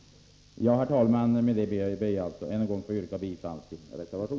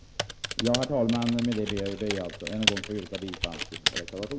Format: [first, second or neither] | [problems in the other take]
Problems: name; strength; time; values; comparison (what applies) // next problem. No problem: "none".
first | background sound (Typing); 3 dB below the speech